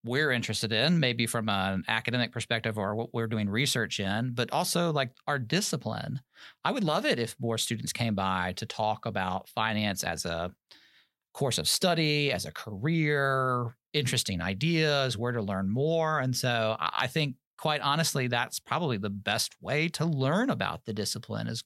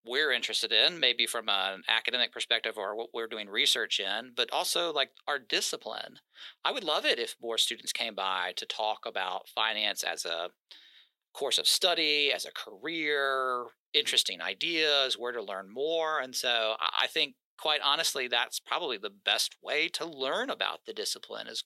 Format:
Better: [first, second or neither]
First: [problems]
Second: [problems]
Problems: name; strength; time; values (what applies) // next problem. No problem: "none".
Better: first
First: none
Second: thin; very; fading below 350 Hz